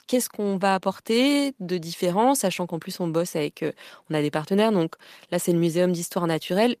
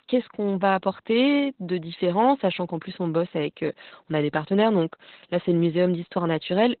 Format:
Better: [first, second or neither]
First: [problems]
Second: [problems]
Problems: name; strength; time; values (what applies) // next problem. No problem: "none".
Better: first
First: garbled, watery; slightly; nothing above 14.5 kHz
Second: garbled, watery; badly; nothing above 4 kHz